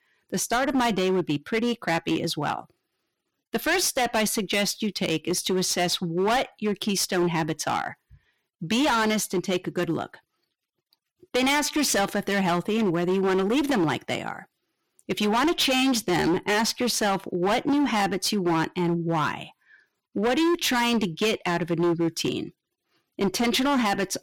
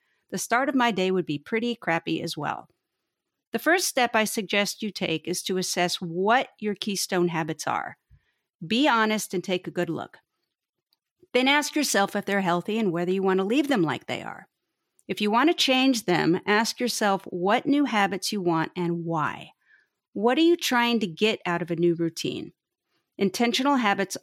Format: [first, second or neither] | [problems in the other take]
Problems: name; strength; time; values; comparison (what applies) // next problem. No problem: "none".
second | distortion; heavy; 15% of the sound clipped